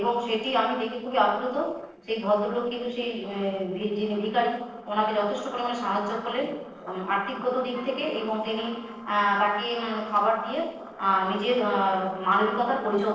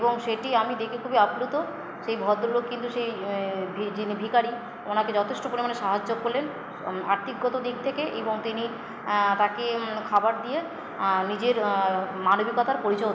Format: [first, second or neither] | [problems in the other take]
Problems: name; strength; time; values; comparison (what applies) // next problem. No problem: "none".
second | noise reduction (neural separator model SepFormer DNS4)